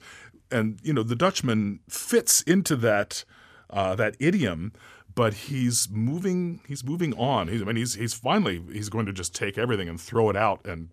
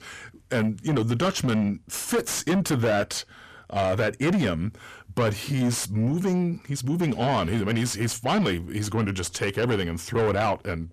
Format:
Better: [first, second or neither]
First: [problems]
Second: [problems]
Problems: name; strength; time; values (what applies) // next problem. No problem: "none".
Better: first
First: none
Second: distortion; heavy; 7 dB below the speech